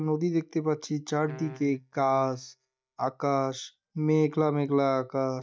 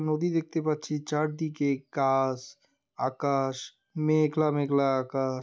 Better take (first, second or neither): second